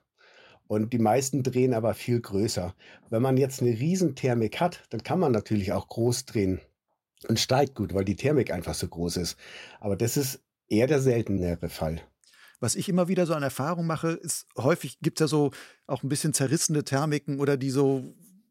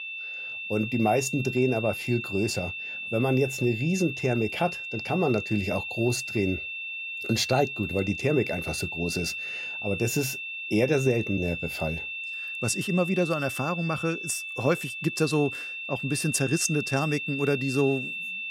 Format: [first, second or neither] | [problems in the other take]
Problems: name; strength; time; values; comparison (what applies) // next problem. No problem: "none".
first | high-pitched whine; loud; throughout; 2.5 kHz, 5 dB below the speech